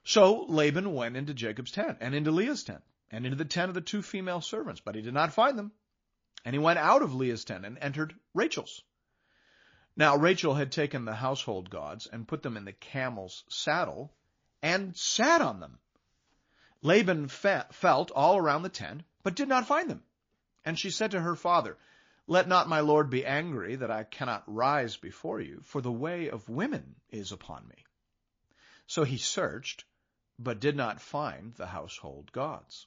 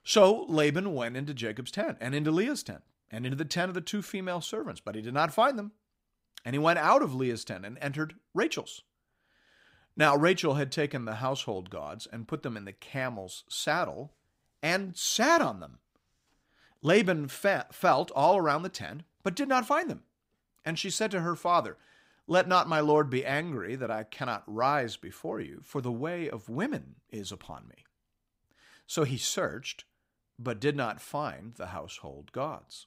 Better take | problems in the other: second | garbled, watery; slightly; nothing above 6 kHz

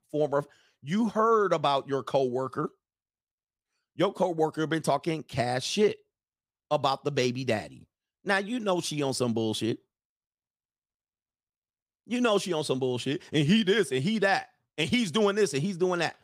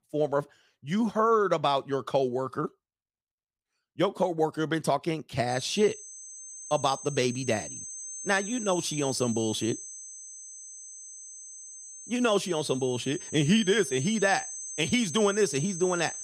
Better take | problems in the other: first | high-pitched whine; noticeable; from 5.5 s on; 6.5 kHz, 10 dB below the speech

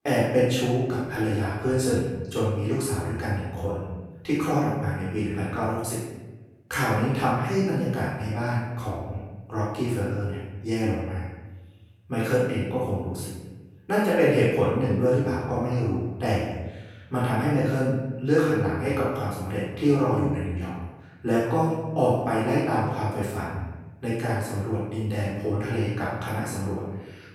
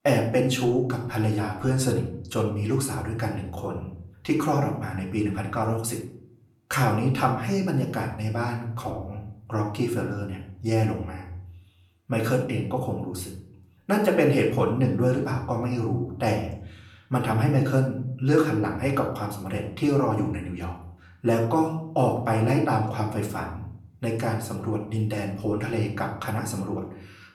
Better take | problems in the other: second | room echo; strong; dies away in 1.1 s; slight in the second // off-mic speech; far; far in the second

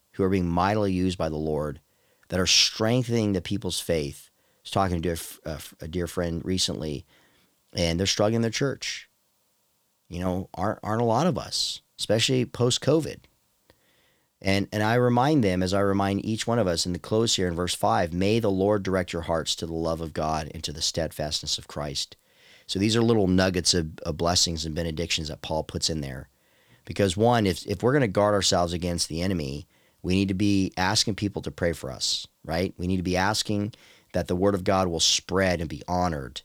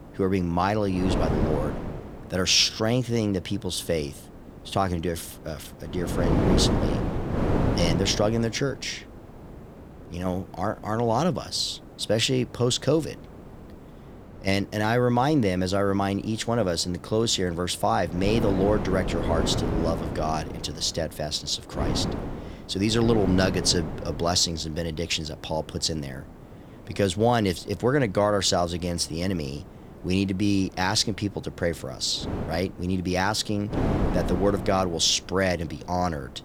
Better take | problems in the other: first | wind noise on the microphone; heavy; 7 dB below the speech

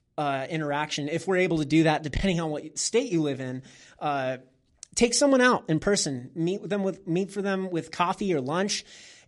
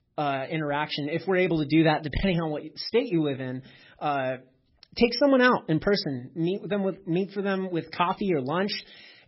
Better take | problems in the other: first | garbled, watery; badly; nothing above 5.5 kHz; slightly in the first

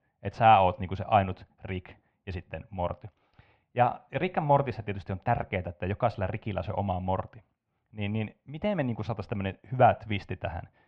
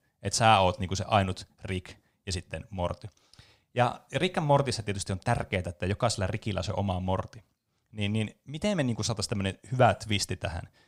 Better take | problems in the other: second | muffled; very; fading above 2.5 kHz

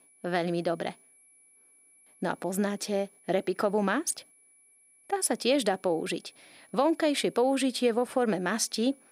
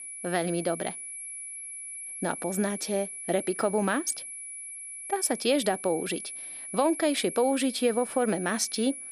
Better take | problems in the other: first | high-pitched whine; loud; throughout; 11 kHz, 9 dB below the speech; faint in the first

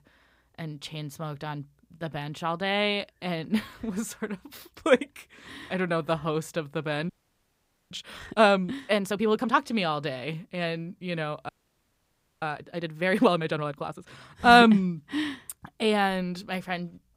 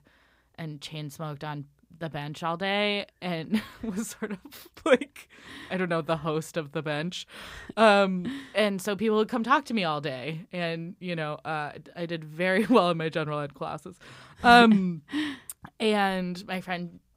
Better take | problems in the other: second | audio freezing; at 7 s for 1 s and at 11 s for 1 s

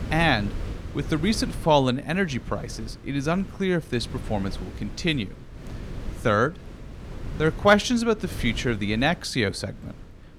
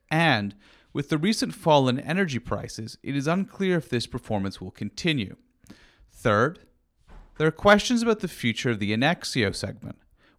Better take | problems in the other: second | wind noise on the microphone; occasional gusts; 20 dB below the speech

